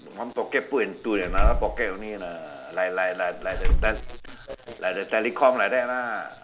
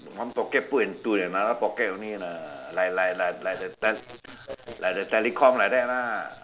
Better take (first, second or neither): second